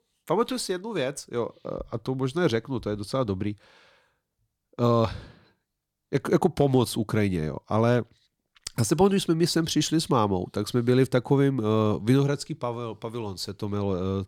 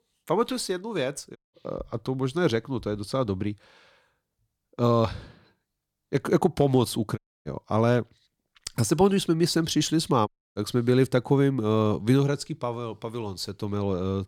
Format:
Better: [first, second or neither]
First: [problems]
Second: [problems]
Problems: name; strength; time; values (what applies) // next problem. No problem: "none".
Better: first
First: none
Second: audio cutting out; at 1.5 s, at 7 s and at 10 s